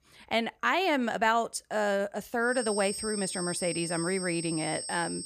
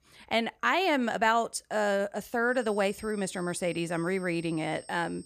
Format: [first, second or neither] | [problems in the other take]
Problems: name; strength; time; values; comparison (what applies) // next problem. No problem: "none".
second | high-pitched whine; loud; from 2.5 s on; 8.5 kHz, 6 dB below the speech; faint in the second